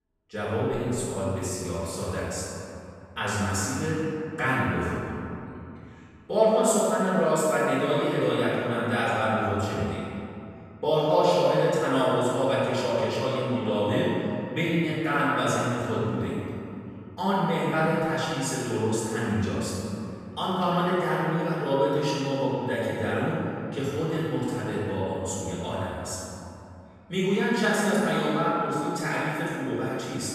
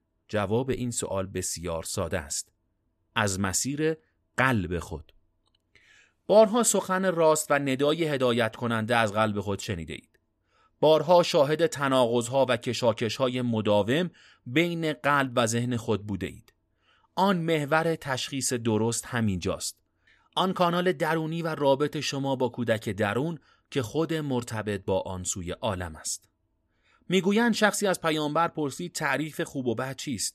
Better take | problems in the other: second | off-mic speech; far // room echo; strong; dies away in 2.7 s

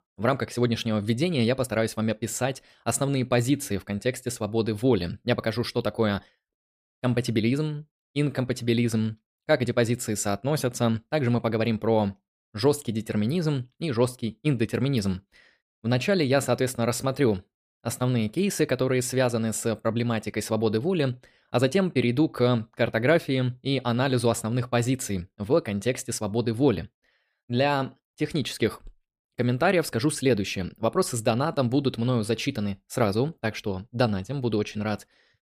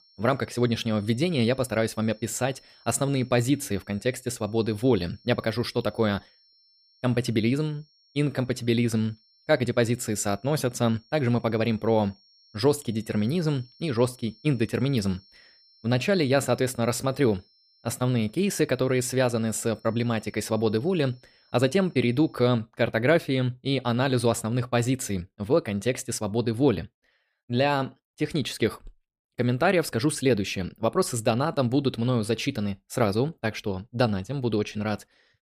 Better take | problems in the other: first | high-pitched whine; faint; until 22 s; 5.5 kHz, 30 dB below the speech

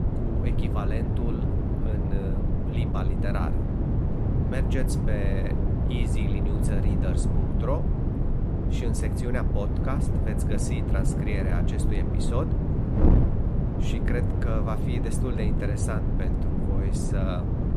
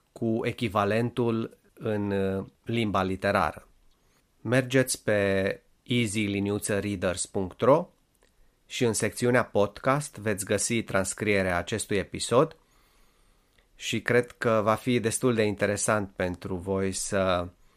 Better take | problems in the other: second | wind noise on the microphone; heavy; 1 dB above the speech

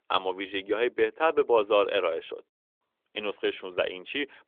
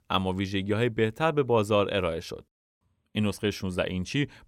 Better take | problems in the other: second | phone-call audio; nothing above 3.5 kHz

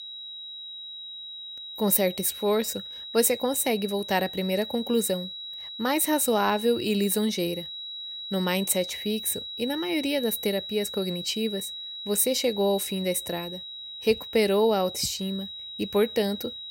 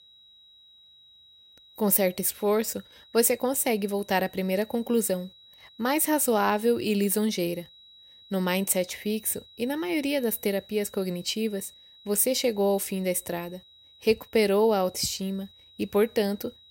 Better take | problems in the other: second | high-pitched whine; loud; throughout; 4 kHz, 9 dB below the speech; faint in the second

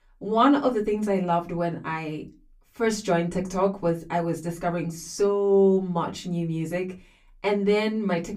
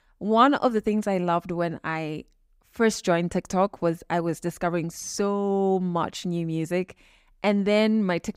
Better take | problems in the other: second | off-mic speech; far // room echo; very slight; dies away in 0.2 s

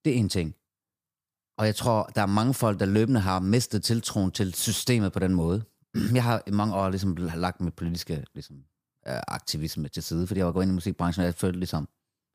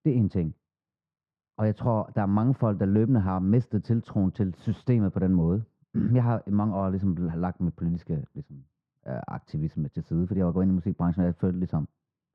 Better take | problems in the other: first | muffled; very; fading above 1 kHz

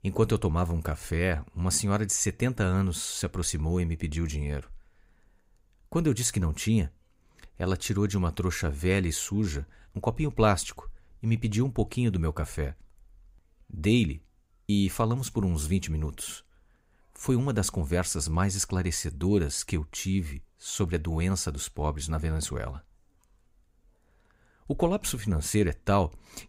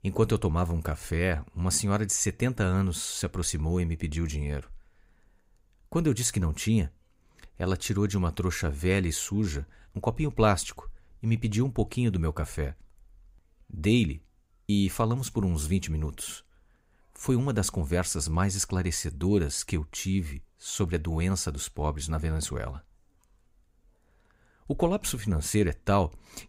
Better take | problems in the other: neither | none

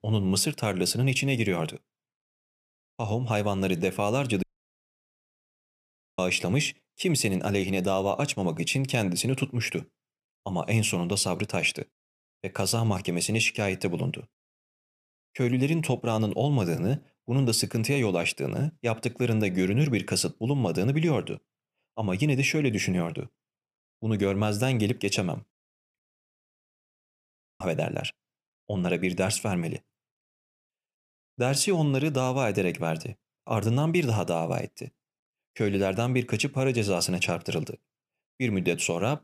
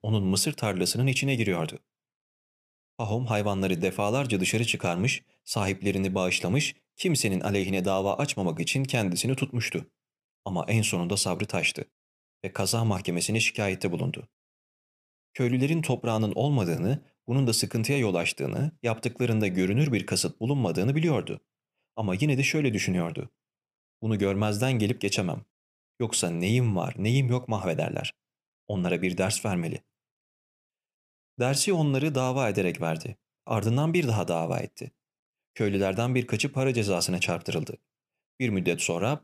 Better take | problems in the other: second | audio cutting out; at 4.5 s for 2 s and at 26 s for 1.5 s

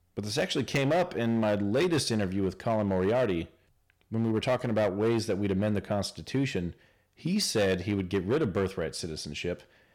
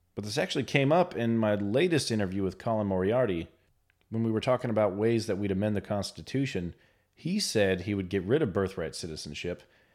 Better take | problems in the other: second | distortion; slight; 8% of the sound clipped

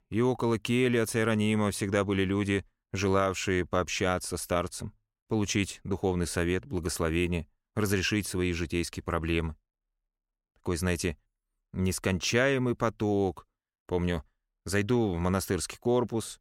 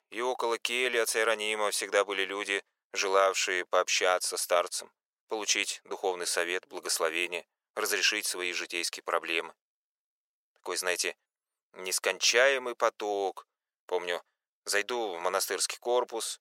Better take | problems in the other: first | thin; very; fading below 500 Hz

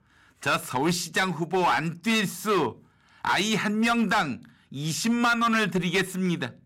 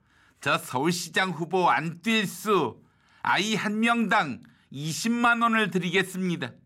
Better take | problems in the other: second | distortion; slight; 8% of the sound clipped

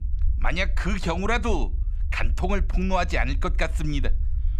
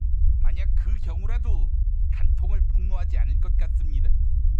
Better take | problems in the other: first | low rumble; loud; throughout; as loud as the speech; faint in the first

